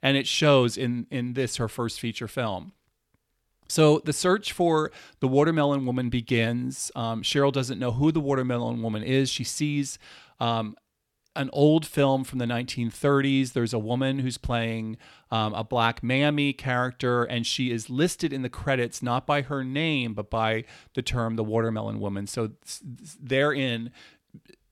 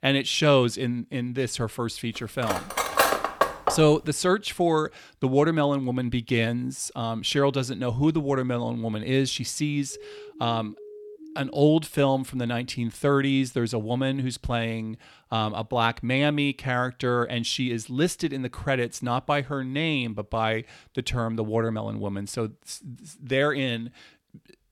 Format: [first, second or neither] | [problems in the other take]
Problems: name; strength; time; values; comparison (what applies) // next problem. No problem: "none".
first | clattering dishes; loud; from 2.5 to 4 s; peak 4 dB above the speech // siren; faint; from 10 to 12 s; peak 15 dB below the speech